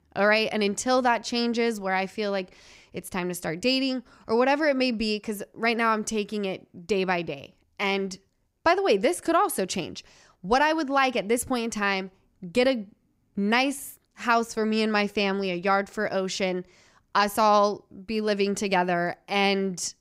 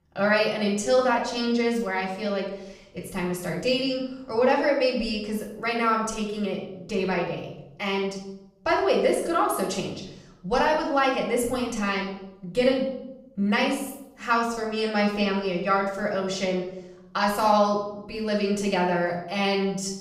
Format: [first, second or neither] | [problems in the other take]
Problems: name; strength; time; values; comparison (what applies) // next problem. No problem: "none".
first | off-mic speech; far // room echo; noticeable; dies away in 0.8 s